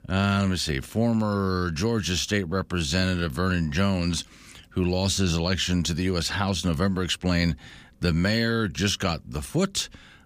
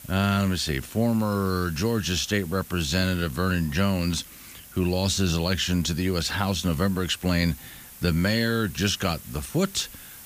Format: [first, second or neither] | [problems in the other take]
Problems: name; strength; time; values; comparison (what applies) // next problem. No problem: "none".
first | hiss; noticeable; throughout; 20 dB below the speech